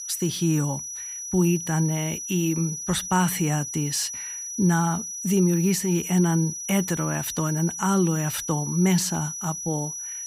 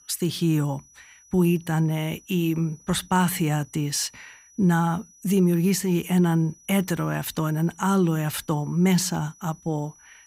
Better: second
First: high-pitched whine; loud; throughout; 6 kHz, 6 dB below the speech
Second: high-pitched whine; faint; throughout; 6 kHz, 25 dB below the speech

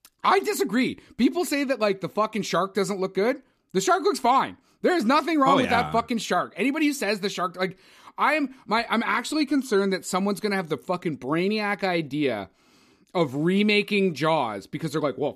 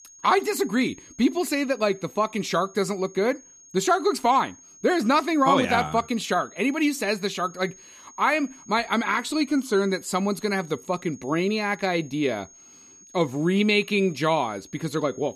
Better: first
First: none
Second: high-pitched whine; faint; throughout; 6.5 kHz, 25 dB below the speech

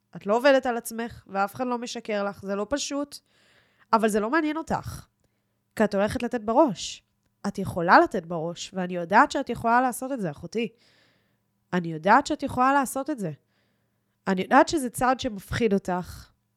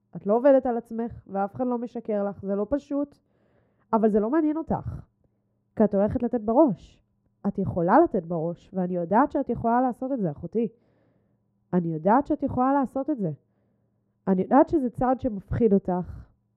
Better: first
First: none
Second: muffled; very; fading above 1.5 kHz

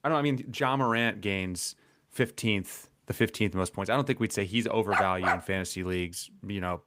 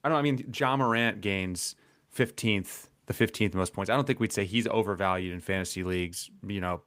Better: second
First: dog barking; loud; at 5 s; peak 3 dB above the speech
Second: none

